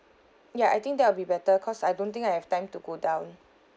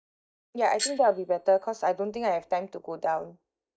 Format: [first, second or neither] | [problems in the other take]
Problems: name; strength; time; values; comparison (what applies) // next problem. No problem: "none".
first | noise reduction (neural mask model DeepFilterNet 3)